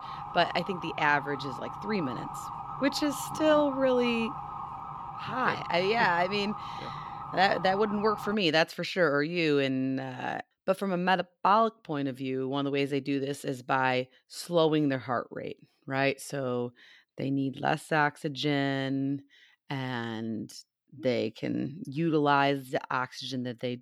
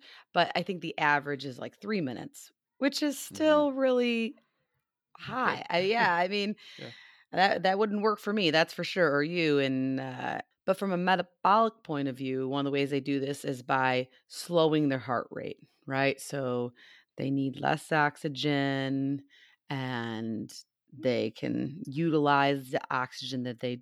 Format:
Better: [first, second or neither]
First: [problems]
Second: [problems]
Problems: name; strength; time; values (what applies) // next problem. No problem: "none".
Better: second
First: siren; noticeable; until 8.5 s; peak 8 dB below the speech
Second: none